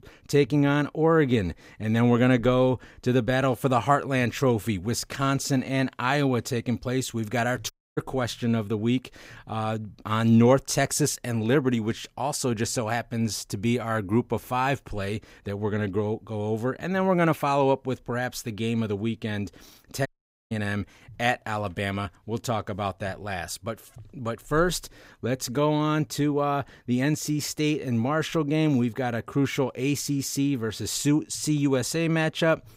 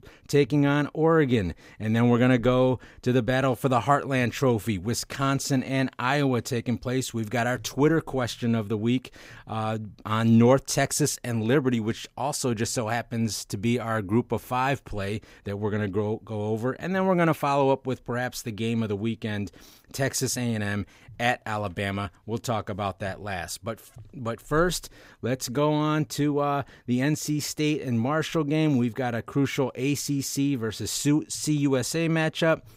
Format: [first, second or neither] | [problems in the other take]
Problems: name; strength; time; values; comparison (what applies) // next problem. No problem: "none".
second | audio cutting out; at 7.5 s and at 20 s